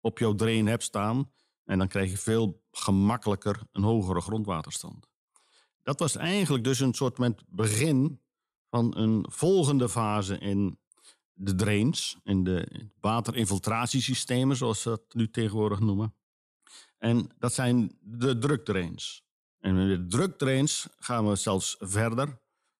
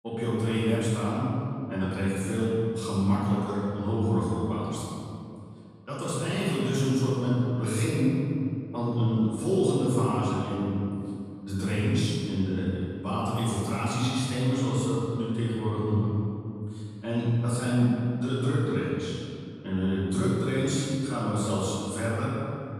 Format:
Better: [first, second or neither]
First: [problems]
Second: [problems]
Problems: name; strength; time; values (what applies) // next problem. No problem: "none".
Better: first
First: none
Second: off-mic speech; far // room echo; strong; dies away in 2.4 s